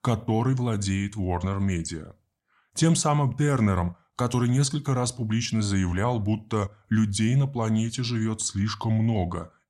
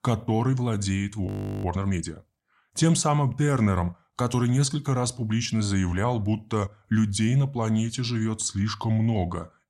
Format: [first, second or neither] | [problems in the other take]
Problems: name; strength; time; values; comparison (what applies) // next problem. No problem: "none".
first | audio freezing; at 1.5 s